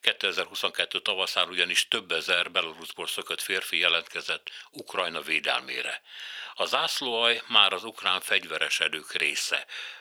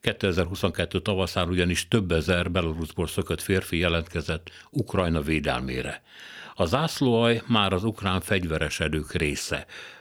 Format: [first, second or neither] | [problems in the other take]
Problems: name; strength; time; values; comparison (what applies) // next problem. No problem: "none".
second | thin; very; fading below 700 Hz